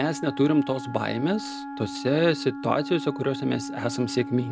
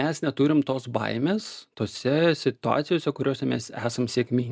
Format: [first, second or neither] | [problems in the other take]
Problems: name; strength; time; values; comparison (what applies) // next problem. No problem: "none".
second | background sound (Wind instrument, woodwind instrument); 10 dB below the speech